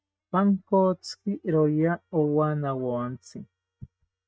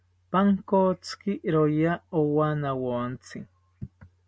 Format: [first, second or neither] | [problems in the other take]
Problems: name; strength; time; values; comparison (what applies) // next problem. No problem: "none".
second | noise reduction (neural mask model DeepFilterNet 3)